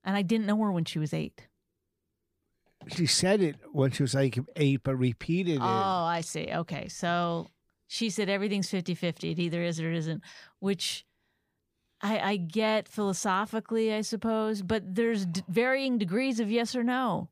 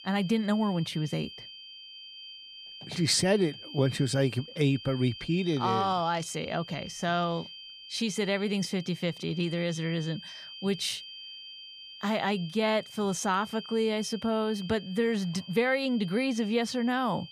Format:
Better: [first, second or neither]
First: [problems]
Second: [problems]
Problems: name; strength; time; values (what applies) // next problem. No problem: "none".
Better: first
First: none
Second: high-pitched whine; noticeable; throughout; 3 kHz, 15 dB below the speech